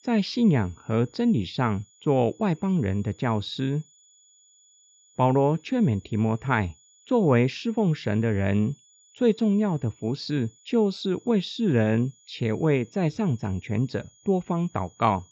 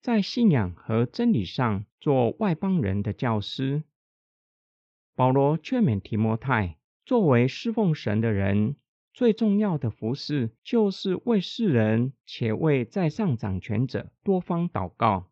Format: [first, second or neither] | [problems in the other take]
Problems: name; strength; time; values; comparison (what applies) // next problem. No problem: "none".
second | high-pitched whine; faint; throughout; 7 kHz, 30 dB below the speech